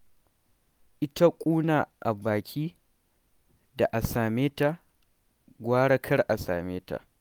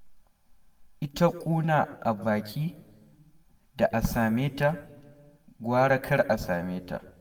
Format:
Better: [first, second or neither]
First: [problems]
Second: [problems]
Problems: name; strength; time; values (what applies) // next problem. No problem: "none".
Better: first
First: none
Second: room echo; dies away in 1 s